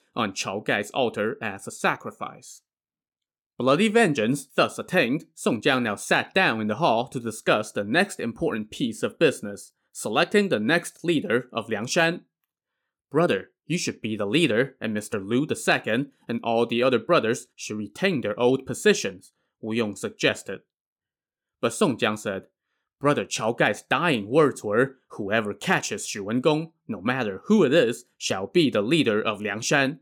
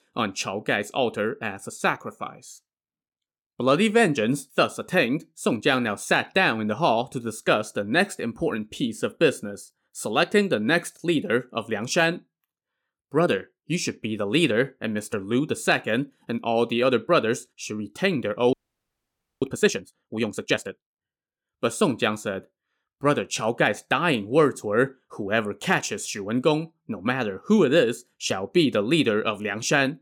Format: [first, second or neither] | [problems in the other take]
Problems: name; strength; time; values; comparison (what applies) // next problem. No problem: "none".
first | audio freezing; at 19 s for 1 s